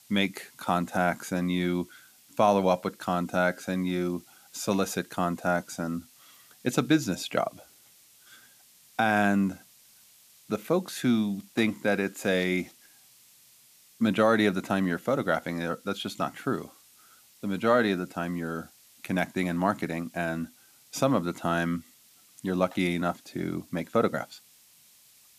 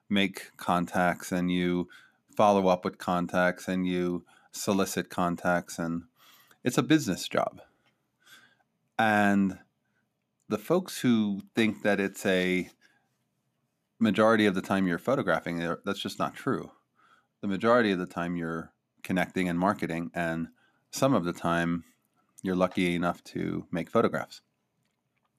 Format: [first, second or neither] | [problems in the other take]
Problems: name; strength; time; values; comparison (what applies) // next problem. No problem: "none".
second | hiss; faint; throughout; 25 dB below the speech